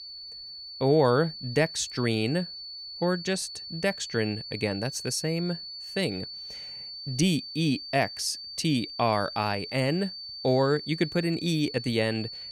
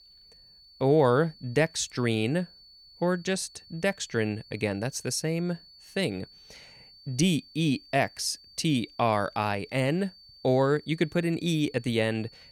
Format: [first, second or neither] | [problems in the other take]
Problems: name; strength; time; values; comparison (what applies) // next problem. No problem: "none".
second | high-pitched whine; loud; throughout; 4.5 kHz, 9 dB below the speech; faint in the second